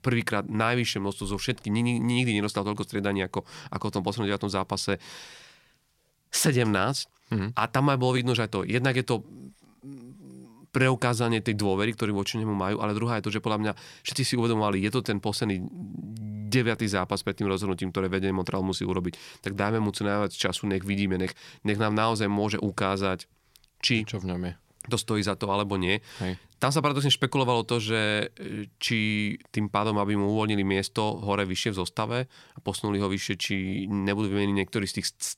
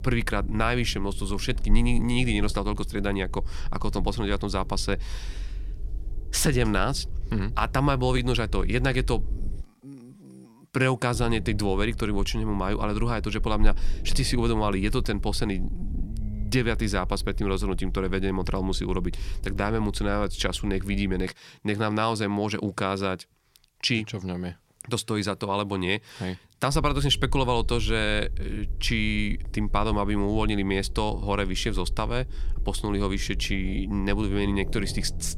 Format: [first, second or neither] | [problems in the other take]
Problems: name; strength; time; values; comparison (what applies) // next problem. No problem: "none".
first | low rumble; faint; until 9.5 s, from 11 to 21 s and from 27 s on; 25 dB below the speech